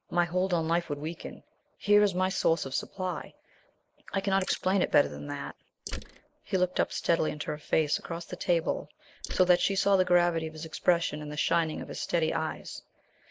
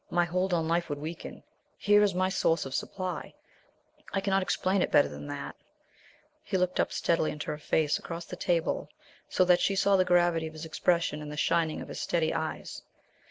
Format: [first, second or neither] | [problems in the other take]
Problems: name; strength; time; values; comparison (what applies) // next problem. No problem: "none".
second | noise reduction (neural mask model Resemble Enhance denoiser)